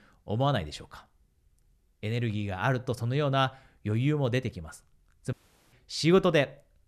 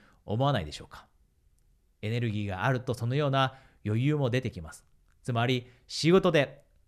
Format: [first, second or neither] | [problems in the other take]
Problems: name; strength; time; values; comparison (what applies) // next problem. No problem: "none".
second | audio cutting out; at 5.5 s